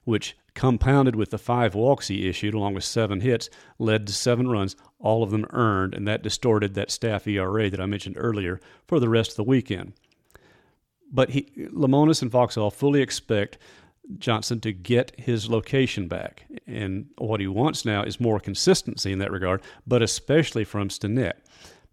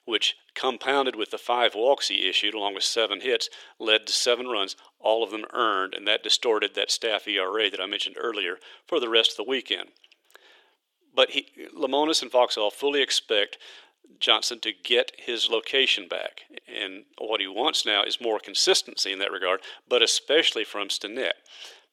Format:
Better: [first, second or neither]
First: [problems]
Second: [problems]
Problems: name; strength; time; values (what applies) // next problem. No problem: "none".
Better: first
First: none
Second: thin; very; fading below 400 Hz